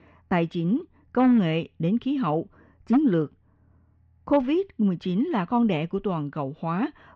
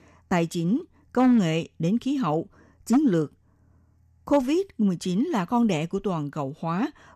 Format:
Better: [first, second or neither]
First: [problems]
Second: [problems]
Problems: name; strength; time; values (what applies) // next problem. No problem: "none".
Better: second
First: muffled; very; fading above 3.5 kHz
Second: none